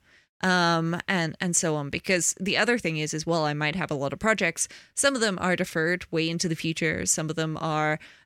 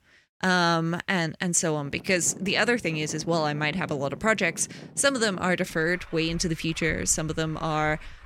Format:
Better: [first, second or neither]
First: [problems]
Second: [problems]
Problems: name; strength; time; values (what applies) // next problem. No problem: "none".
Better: first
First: none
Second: traffic noise; noticeable; from 2 s on; 20 dB below the speech